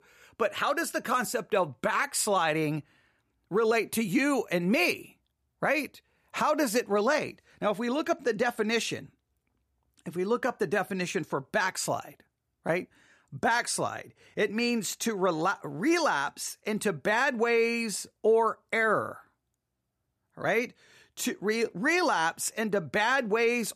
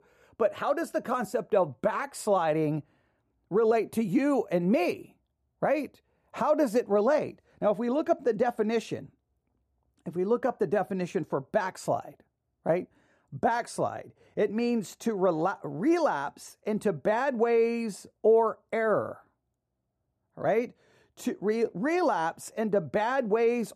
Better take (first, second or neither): first